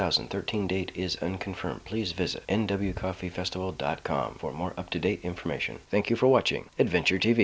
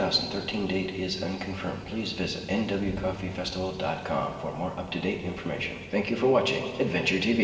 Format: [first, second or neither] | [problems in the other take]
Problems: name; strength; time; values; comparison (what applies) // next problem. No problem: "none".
first | room echo; dies away in 2.6 s